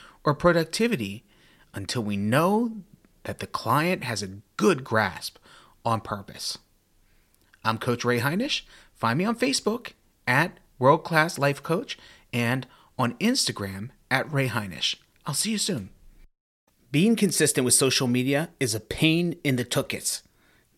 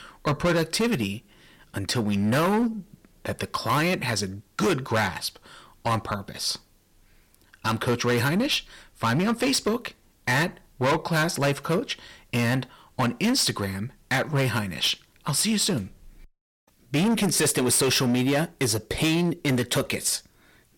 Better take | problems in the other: first | distortion; heavy; 12% of the sound clipped

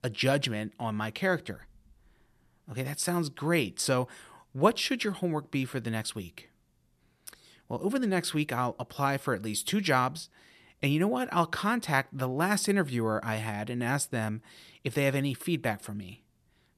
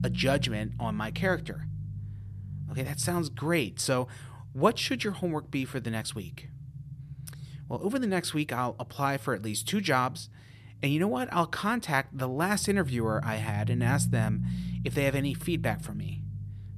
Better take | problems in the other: first | low rumble; noticeable; throughout; 20 dB below the speech

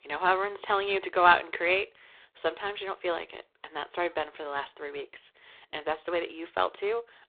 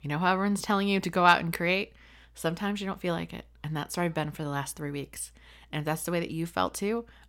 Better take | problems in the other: second | phone-call audio; poor line; nothing above 3.5 kHz

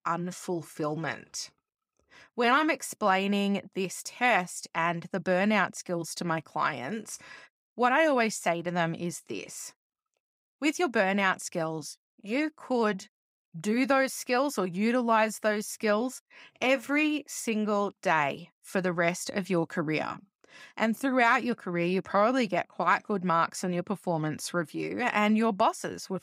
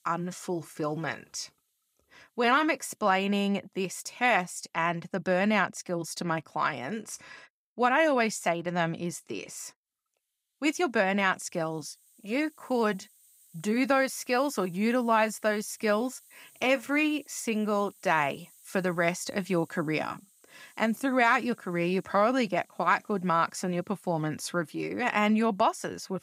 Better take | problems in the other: first | hiss; faint; throughout; 30 dB below the speech

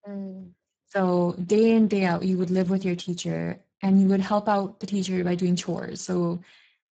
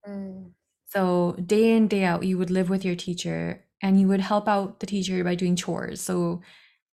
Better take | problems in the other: second | garbled, watery; badly; nothing above 7.5 kHz

